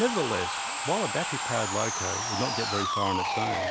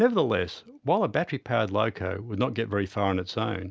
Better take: second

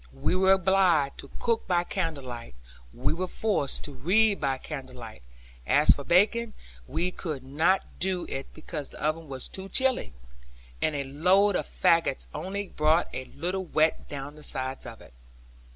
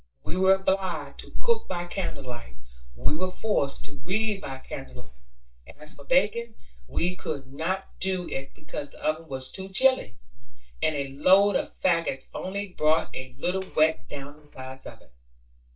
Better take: first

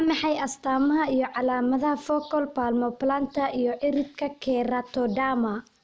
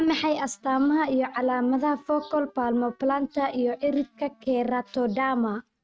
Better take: first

